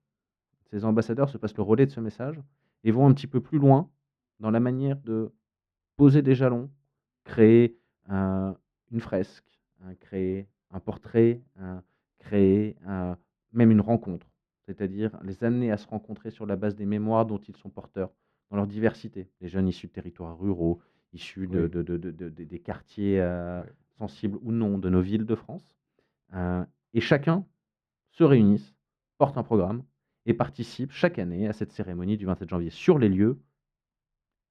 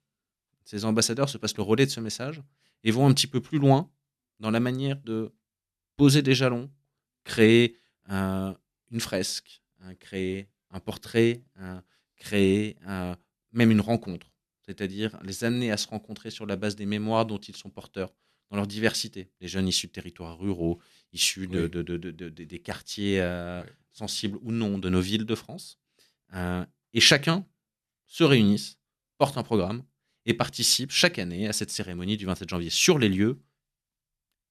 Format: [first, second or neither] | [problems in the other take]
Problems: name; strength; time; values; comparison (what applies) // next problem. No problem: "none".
second | muffled; very; fading above 3 kHz